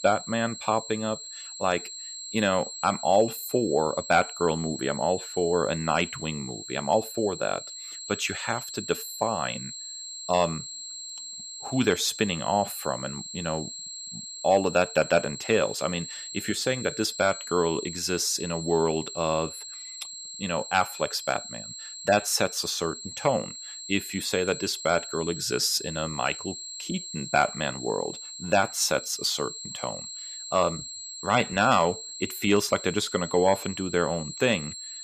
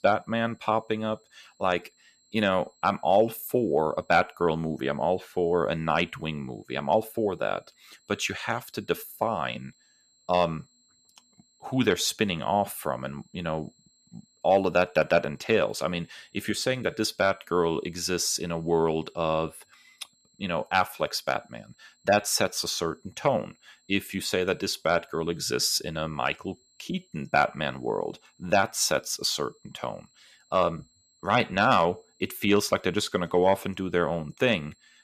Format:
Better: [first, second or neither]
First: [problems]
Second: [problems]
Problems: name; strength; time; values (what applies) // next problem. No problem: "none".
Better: second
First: high-pitched whine; loud; throughout; 7.5 kHz, 9 dB below the speech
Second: high-pitched whine; faint; throughout; 7.5 kHz, 35 dB below the speech